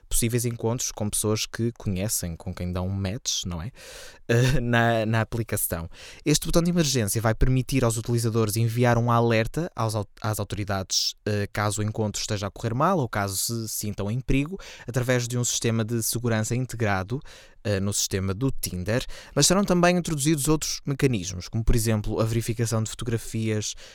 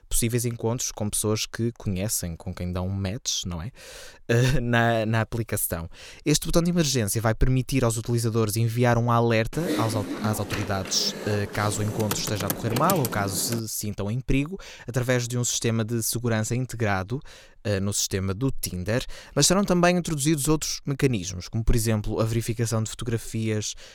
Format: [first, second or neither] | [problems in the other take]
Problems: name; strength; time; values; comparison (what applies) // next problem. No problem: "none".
first | keyboard typing; noticeable; from 9.5 to 14 s; peak 2 dB below the speech